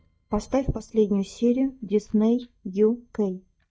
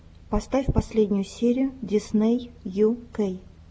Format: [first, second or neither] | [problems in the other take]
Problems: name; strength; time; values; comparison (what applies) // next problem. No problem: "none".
second | noise reduction (neural mask model DeepFilterNet 3)